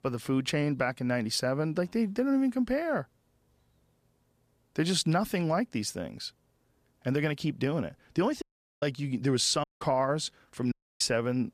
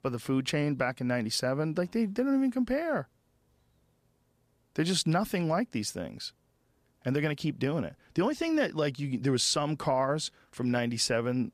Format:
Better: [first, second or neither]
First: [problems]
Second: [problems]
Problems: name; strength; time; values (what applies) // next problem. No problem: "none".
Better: second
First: audio cutting out; at 8.5 s, at 9.5 s and at 11 s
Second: none